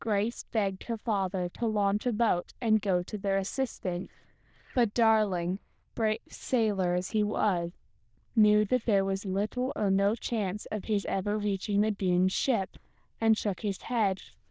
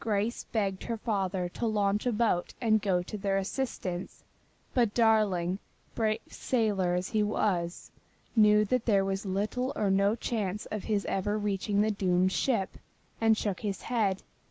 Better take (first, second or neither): second